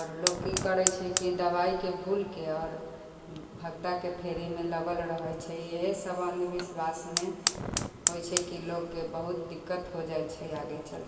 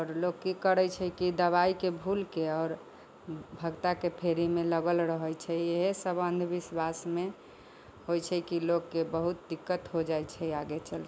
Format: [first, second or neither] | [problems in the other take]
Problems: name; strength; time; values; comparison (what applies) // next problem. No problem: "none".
second | background sound (Fire); 4 dB below the speech // room echo; dies away in 2.3 s